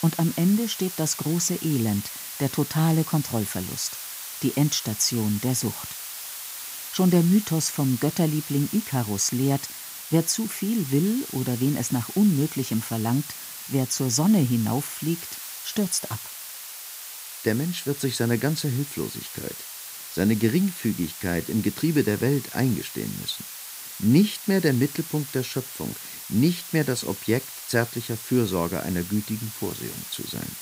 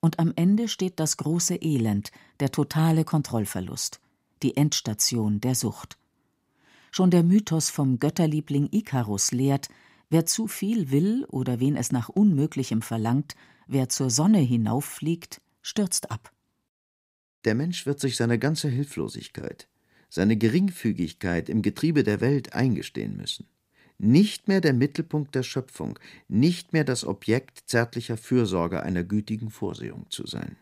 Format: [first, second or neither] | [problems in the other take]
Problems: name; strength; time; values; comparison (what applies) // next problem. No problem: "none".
second | hiss; loud; throughout; 9 dB below the speech